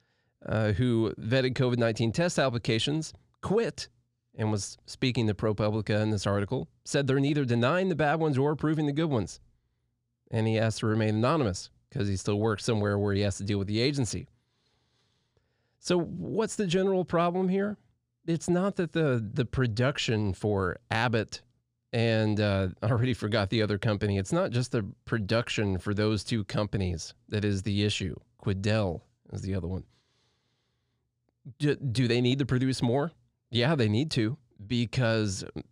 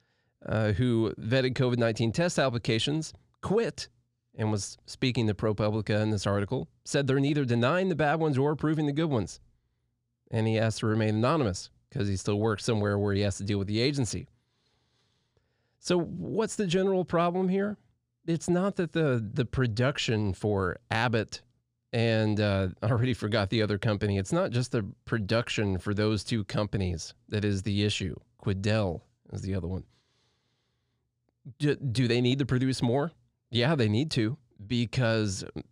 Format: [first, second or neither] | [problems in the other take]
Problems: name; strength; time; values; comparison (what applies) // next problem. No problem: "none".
neither | none